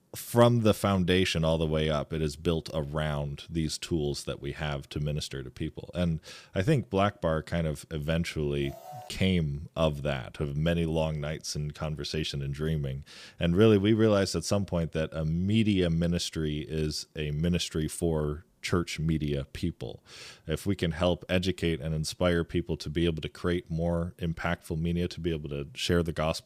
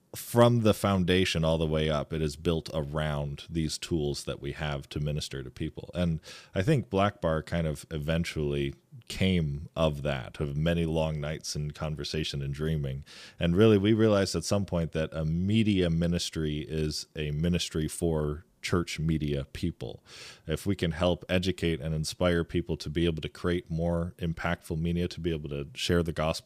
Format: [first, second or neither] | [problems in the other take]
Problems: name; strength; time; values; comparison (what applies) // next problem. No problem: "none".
second | alarm; faint; at 8.5 s; peak 15 dB below the speech